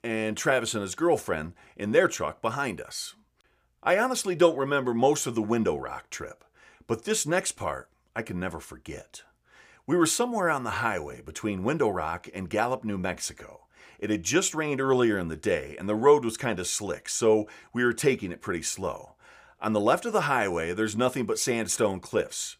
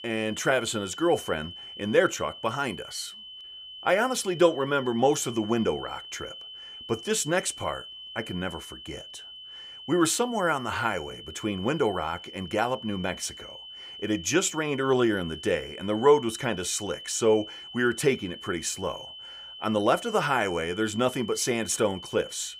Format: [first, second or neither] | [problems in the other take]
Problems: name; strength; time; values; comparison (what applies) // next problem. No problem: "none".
first | high-pitched whine; noticeable; throughout; 3 kHz, 15 dB below the speech